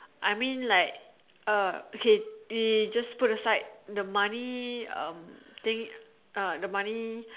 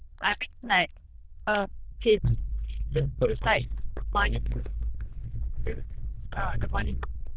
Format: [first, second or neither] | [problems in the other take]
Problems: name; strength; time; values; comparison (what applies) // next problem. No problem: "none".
first | noise reduction (neural diffusion model UNIVERSE++)